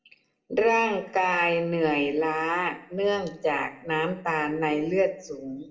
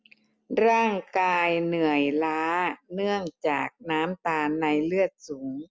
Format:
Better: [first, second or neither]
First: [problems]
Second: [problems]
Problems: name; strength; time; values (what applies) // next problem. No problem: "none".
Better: second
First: room echo; dies away in 0.5 s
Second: none